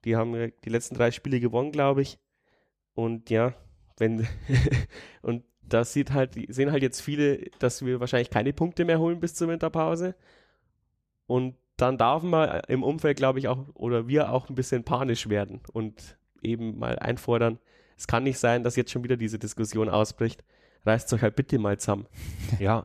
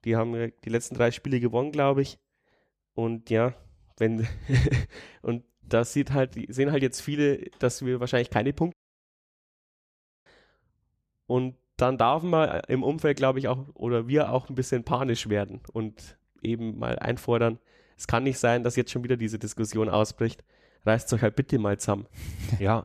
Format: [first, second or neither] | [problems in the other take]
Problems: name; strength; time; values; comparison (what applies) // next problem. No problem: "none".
first | audio cutting out; at 8.5 s for 1.5 s